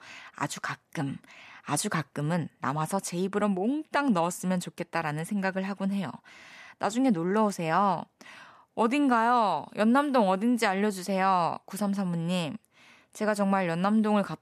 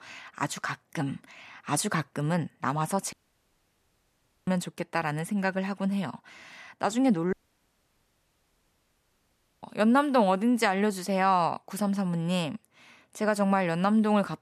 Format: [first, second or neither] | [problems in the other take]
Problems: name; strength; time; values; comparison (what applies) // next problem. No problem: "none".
first | audio cutting out; at 3 s for 1.5 s and at 7.5 s for 2.5 s